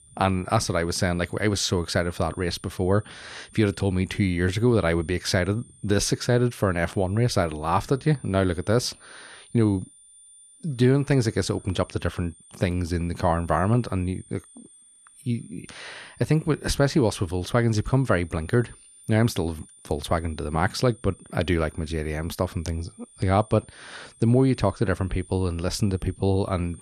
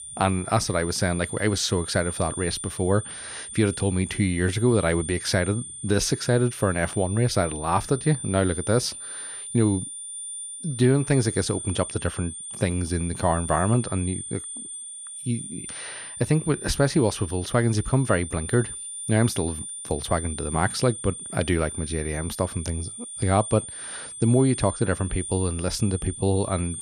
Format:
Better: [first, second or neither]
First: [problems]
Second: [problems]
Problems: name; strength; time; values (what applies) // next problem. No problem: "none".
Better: first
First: high-pitched whine; faint; throughout; 9 kHz, 25 dB below the speech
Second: high-pitched whine; loud; throughout; 9 kHz, 9 dB below the speech